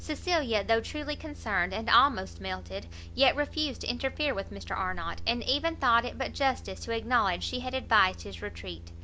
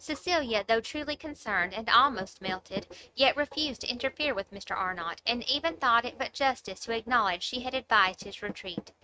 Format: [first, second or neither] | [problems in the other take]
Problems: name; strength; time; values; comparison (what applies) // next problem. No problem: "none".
first | noise reduction (neural mask model RNNoise)